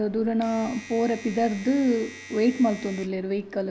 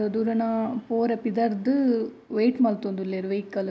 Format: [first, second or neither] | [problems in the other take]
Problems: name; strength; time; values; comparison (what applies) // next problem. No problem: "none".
second | background sound (Domestic sounds, home sounds); 19 dB below the speech